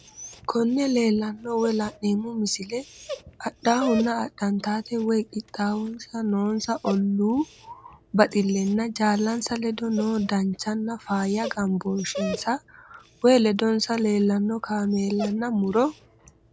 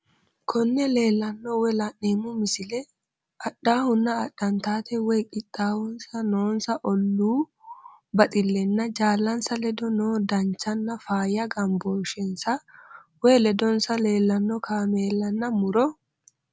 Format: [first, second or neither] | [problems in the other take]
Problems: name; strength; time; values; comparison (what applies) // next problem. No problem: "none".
second | background sound (Dog); 16 dB below the speech